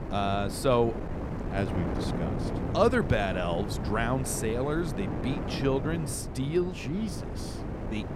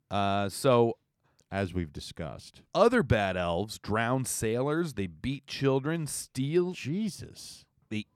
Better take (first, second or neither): second